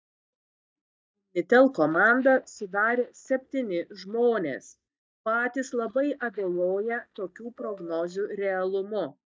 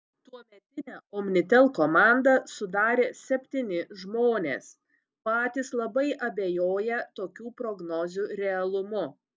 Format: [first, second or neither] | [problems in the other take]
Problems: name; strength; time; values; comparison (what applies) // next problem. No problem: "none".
second | noise reduction (neural mask model DeepFilterNet 3)